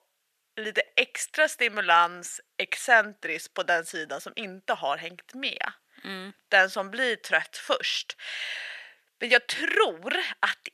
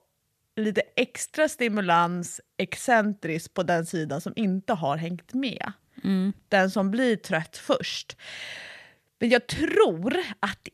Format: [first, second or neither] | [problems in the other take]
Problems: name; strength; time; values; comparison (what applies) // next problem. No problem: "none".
second | thin; very; fading below 550 Hz